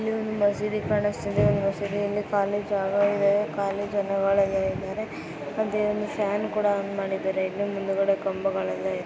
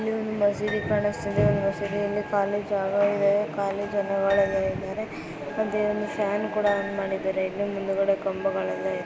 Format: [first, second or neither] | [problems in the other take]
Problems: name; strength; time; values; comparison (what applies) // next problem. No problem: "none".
first | background sound (Piano + Telephone); 16 dB below the speech